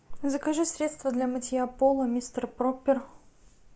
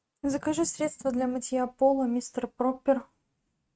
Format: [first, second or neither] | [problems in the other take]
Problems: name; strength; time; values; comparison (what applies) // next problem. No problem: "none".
first | noise reduction (neural mask model RNNoise)